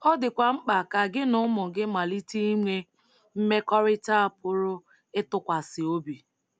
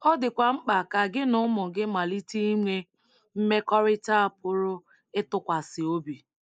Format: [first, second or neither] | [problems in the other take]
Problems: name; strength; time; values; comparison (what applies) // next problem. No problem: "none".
first | noise reduction (neural mask model Resemble Enhance denoiser)